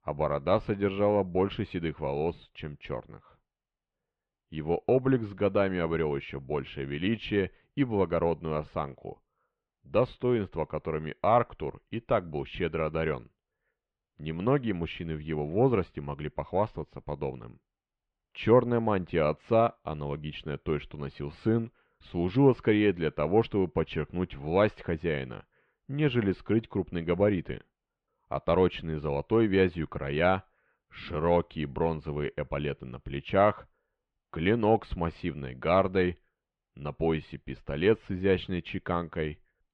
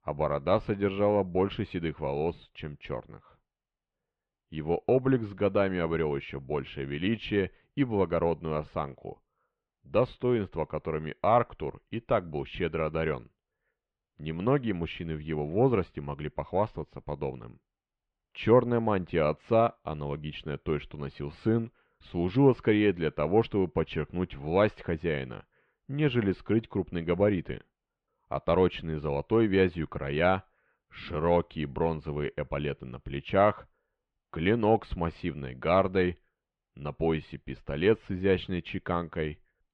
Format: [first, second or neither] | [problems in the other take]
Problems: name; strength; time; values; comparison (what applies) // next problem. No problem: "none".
neither | muffled; very; fading above 3 kHz; the same in both